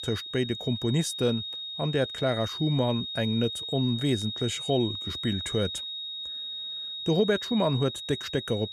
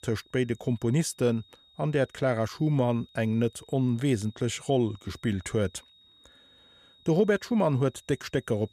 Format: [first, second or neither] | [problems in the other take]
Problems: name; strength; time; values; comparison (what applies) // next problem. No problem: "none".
second | high-pitched whine; loud; throughout; 4 kHz, 5 dB below the speech; faint in the second